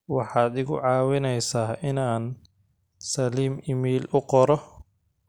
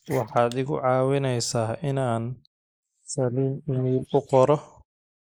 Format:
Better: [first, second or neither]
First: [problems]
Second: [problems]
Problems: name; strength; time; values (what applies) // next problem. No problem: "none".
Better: first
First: none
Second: noise reduction (neural mask model Resemble Enhance denoiser)